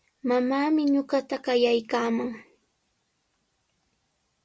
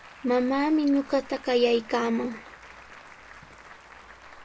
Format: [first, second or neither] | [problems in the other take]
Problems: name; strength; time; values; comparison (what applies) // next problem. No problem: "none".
first | background sound (Applause); 19 dB below the speech